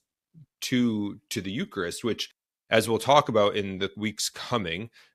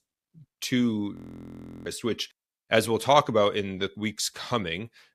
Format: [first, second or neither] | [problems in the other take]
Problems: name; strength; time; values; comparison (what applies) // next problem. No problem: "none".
first | audio freezing; at 1 s for 0.5 s